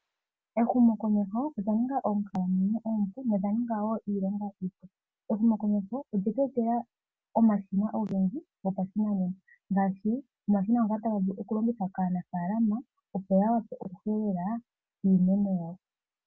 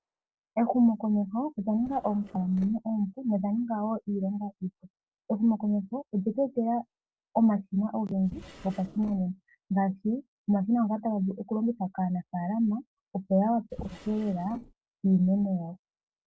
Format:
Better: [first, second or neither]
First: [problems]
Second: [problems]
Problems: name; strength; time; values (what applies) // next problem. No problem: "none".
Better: first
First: none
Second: noise reduction (neural separator model SepFormer DNS4)